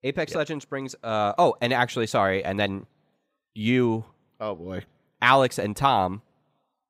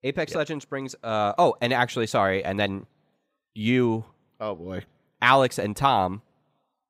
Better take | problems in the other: neither | none

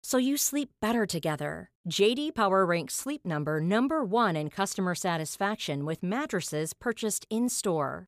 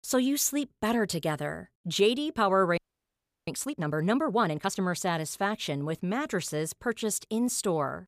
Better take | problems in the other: first | audio freezing; at 3 s for 0.5 s

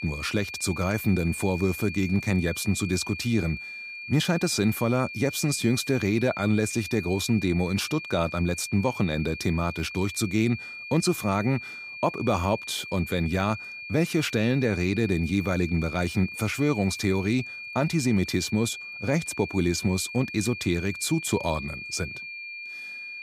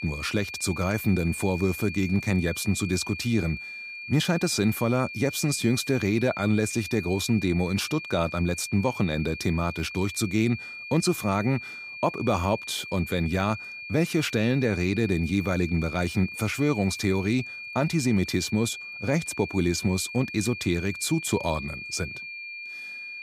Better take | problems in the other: neither | high-pitched whine; loud; throughout; 2.5 kHz, 10 dB below the speech; the same in both

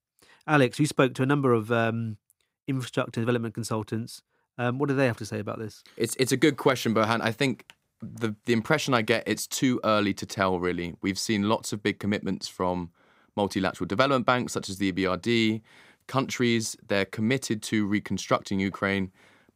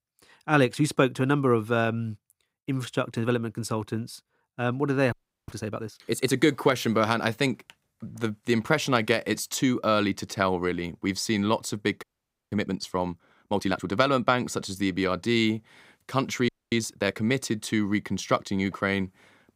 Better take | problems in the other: first | audio freezing; at 5 s, at 12 s and at 16 s

